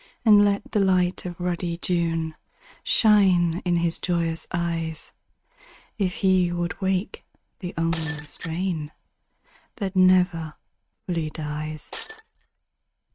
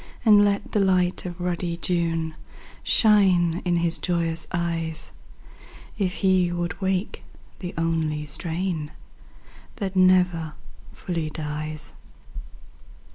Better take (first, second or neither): second